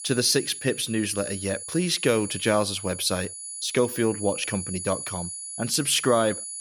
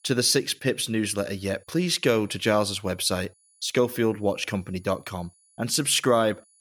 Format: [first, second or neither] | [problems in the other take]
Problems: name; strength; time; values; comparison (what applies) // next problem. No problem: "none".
second | high-pitched whine; loud; throughout; 10 kHz, 8 dB below the speech; faint in the second